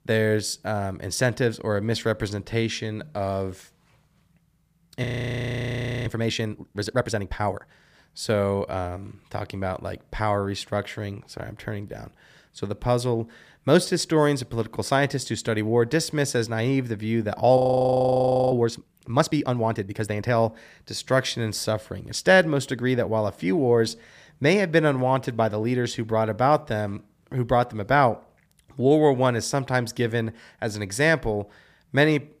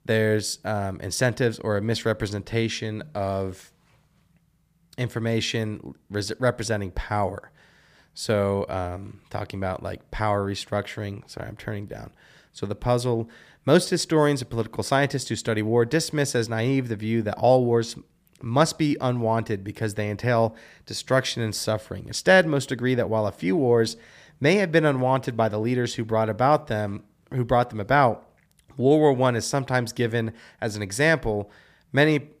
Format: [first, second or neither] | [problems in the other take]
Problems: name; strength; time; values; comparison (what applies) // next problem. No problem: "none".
second | audio freezing; at 5 s for 1 s and at 18 s for 1 s